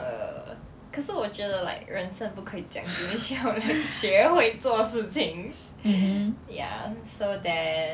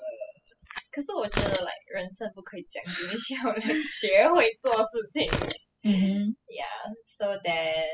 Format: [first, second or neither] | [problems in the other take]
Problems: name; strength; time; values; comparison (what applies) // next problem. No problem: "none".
first | noise reduction (classical method spectral subtraction)